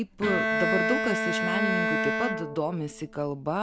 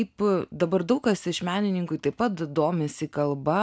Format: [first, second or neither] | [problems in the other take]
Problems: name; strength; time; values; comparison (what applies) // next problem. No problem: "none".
second | background sound (Bowed string instrument); 2 dB above the speech